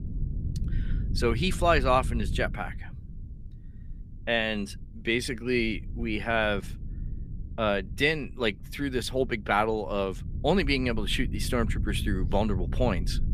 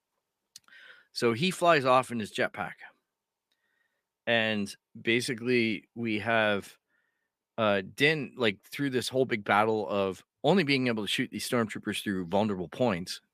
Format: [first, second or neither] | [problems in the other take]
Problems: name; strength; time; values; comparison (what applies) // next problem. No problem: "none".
second | low rumble; faint; throughout; 20 dB below the speech